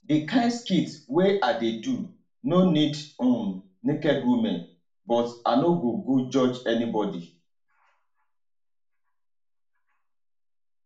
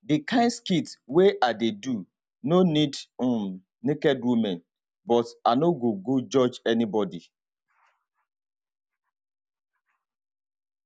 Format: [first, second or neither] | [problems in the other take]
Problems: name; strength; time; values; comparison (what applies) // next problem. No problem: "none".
second | room echo; dies away in 0.4 s